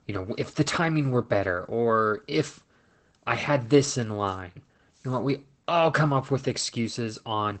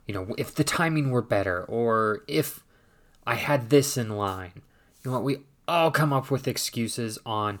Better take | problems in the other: second | garbled, watery; badly; nothing above 8 kHz

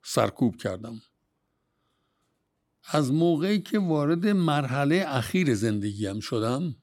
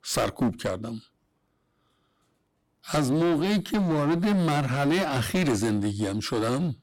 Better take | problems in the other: first | distortion; heavy; 15% of the sound clipped

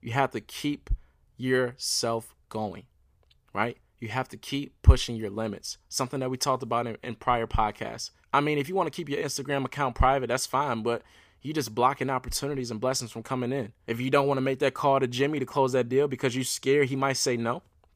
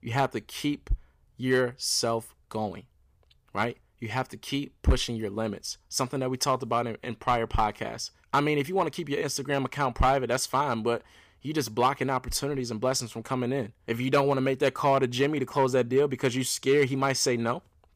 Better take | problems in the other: first | distortion; slight; 1.2% of the sound clipped

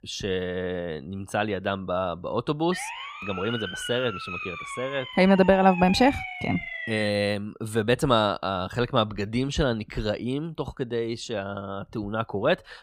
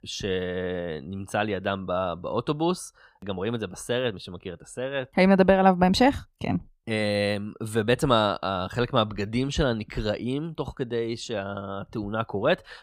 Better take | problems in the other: second | siren; noticeable; from 2.5 to 7 s; peak 6 dB below the speech

